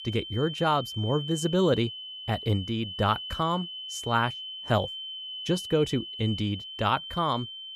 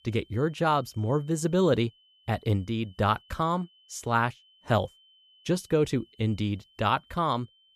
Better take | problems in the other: second | high-pitched whine; loud; throughout; 3 kHz, 8 dB below the speech; faint in the second

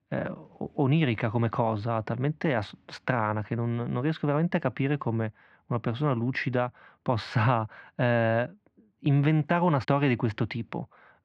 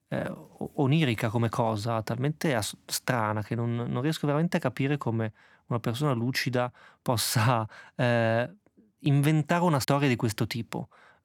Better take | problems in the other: second | muffled; slightly; fading above 3 kHz

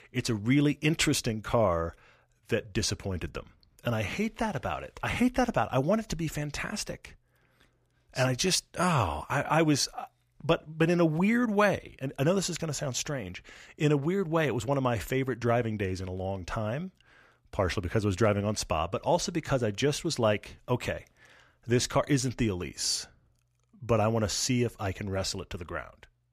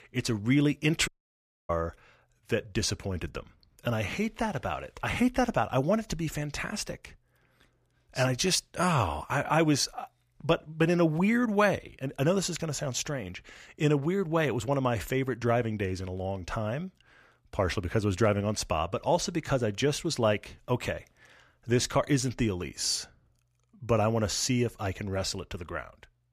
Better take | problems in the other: first | audio cutting out; at 1 s for 0.5 s

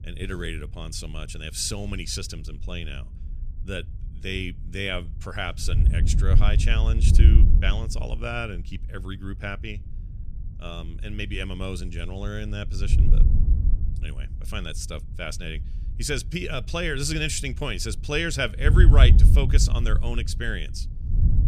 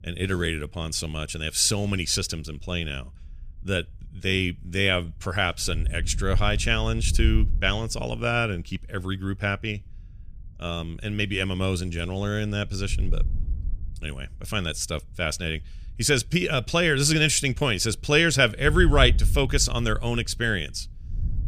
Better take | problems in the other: second | wind noise on the microphone; heavy; 9 dB below the speech; occasional gusts in the second

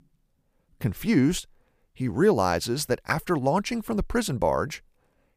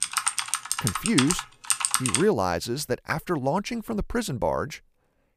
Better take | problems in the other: first | keyboard typing; loud; until 2 s; peak 4 dB above the speech

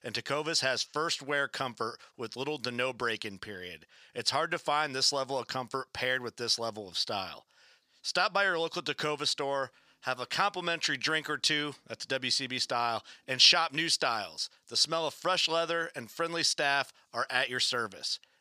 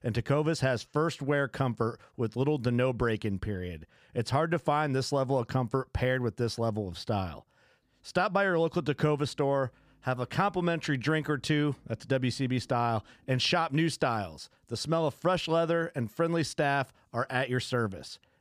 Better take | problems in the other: second | thin; somewhat; fading below 1 kHz

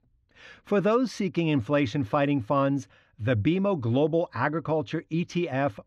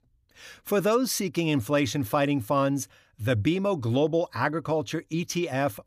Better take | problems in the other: second | muffled; slightly; fading above 3 kHz

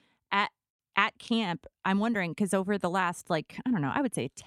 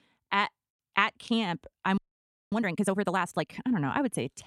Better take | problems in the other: first | audio freezing; at 2 s for 0.5 s

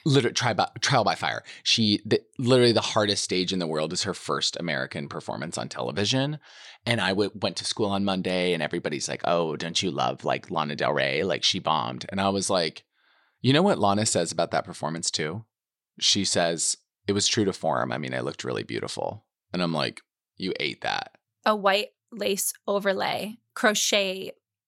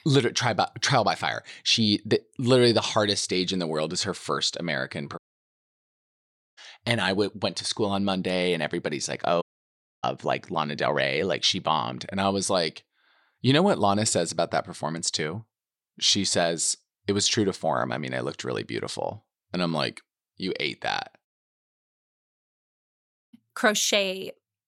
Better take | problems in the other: first | audio cutting out; at 5 s for 1.5 s, at 9.5 s for 0.5 s and at 21 s for 2 s

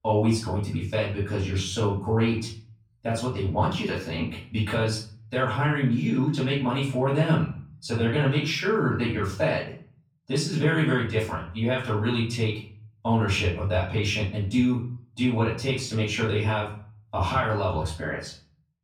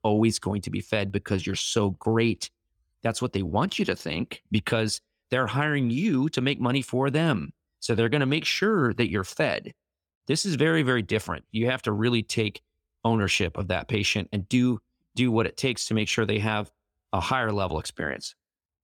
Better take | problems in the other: second | off-mic speech; far // room echo; noticeable; dies away in 0.5 s

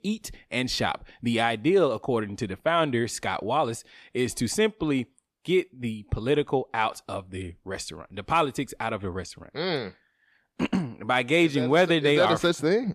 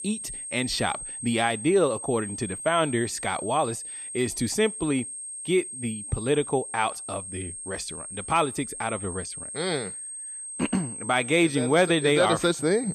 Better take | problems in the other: first | high-pitched whine; loud; throughout; 8.5 kHz, 8 dB below the speech

